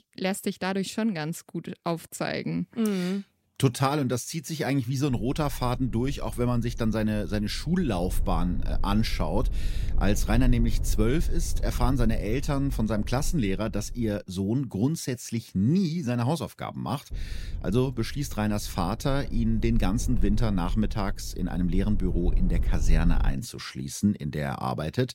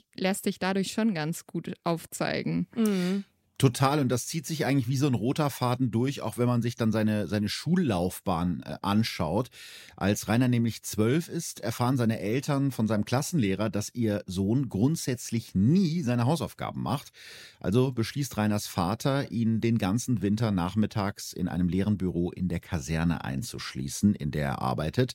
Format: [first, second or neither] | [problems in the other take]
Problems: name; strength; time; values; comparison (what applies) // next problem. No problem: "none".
second | low rumble; noticeable; from 5 to 14 s and from 17 to 23 s; 20 dB below the speech